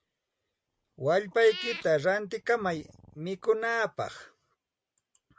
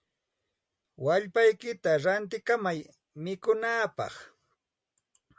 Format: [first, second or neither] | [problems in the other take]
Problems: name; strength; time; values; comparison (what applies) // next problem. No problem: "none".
second | background sound (Meow / Purr); 14 dB below the speech